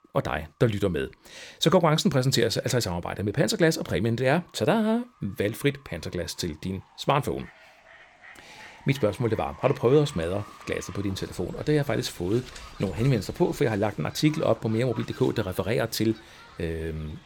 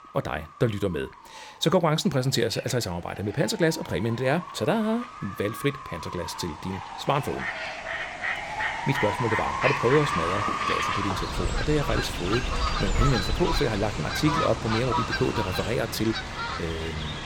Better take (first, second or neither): first